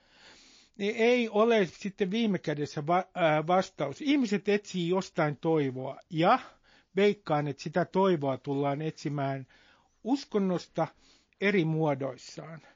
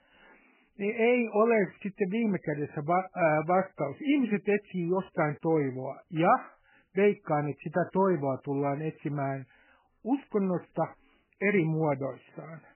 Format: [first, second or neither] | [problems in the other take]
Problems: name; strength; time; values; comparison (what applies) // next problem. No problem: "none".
first | garbled, watery; badly; nothing above 2.5 kHz; slightly in the first